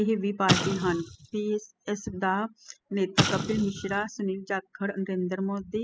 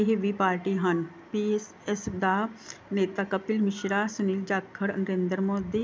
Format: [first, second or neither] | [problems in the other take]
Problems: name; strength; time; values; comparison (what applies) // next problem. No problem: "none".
second | noise reduction (classical method spectral subtraction)